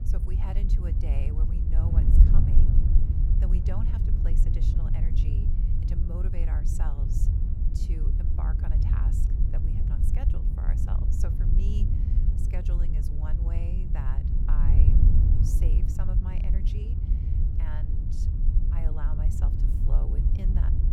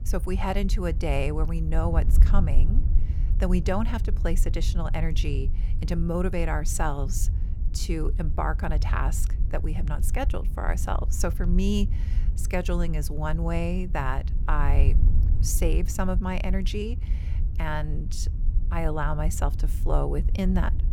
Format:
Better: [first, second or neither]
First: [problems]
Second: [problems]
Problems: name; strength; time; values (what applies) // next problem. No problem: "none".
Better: second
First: wind noise on the microphone; heavy; 3 dB above the speech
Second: wind noise on the microphone; occasional gusts; 15 dB below the speech